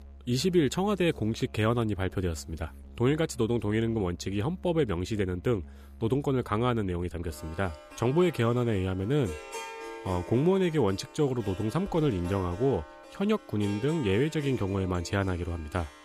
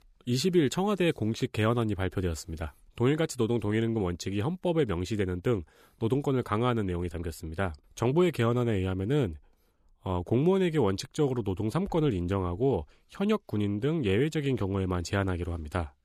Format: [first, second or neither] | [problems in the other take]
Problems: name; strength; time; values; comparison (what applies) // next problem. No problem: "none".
second | background music; noticeable; throughout; 15 dB below the speech